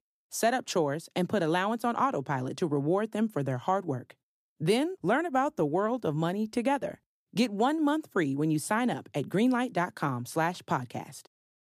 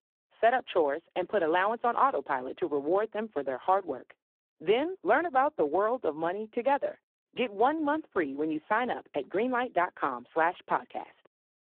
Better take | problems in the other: first | phone-call audio; poor line

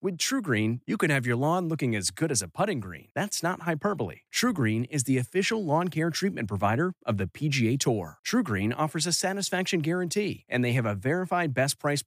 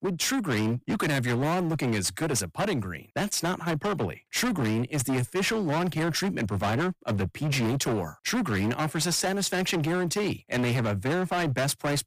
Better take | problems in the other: first | distortion; heavy; 29% of the sound clipped

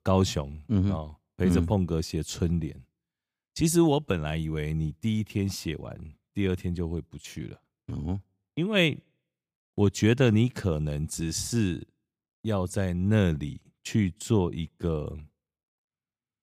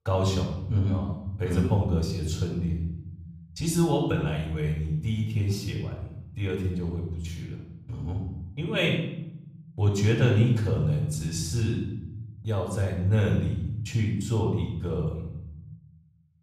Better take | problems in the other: first | off-mic speech; somewhat distant // room echo; noticeable; dies away in 1 s

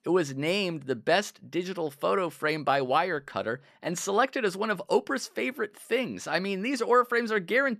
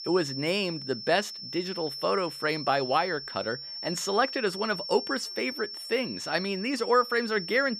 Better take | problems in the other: first | high-pitched whine; loud; throughout; 5.5 kHz, 7 dB below the speech

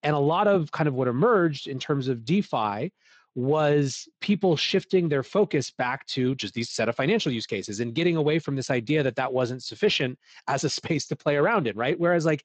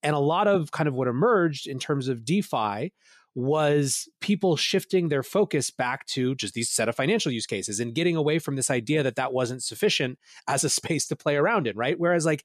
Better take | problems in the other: second | garbled, watery; slightly; nothing above 7.5 kHz

